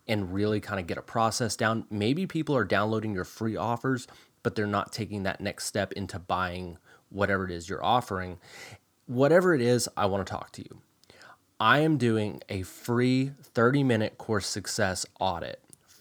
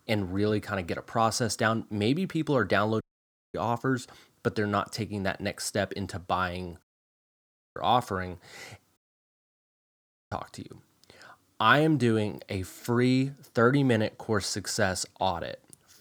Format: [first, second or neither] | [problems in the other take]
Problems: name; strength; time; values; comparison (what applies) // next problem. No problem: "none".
first | audio cutting out; at 3 s for 0.5 s, at 7 s for 1 s and at 9 s for 1.5 s